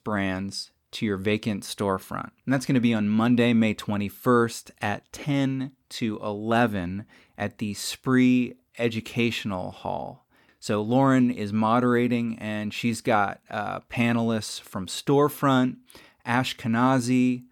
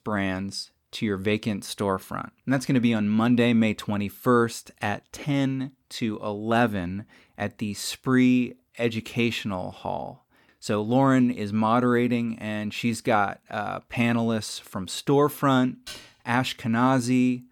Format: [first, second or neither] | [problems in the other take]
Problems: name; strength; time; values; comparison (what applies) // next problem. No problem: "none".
first | clattering dishes; faint; at 16 s; peak 15 dB below the speech